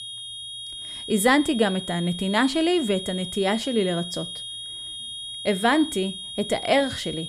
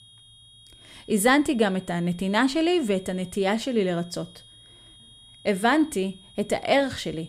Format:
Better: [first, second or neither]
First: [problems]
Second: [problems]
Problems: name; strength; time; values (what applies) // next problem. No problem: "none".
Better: second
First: high-pitched whine; loud; throughout; 3.5 kHz, 9 dB below the speech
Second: high-pitched whine; faint; throughout; 3.5 kHz, 25 dB below the speech